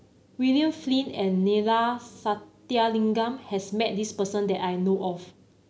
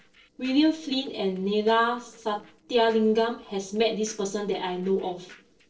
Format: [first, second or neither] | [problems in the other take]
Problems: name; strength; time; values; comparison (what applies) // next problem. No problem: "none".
first | noise reduction (neural separator model SepFormer DNS4)